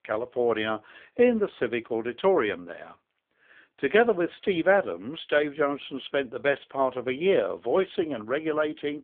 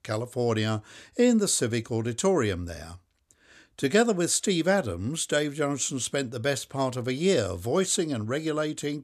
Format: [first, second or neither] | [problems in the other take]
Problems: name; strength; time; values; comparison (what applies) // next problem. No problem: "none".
second | phone-call audio; poor line; nothing above 3.5 kHz